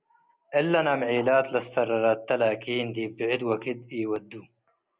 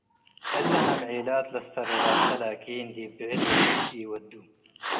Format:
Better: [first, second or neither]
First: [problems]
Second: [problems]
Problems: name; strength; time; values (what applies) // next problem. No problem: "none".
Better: first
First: none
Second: background sound (Cat); 4 dB above the speech // room echo; dies away in 1.2 s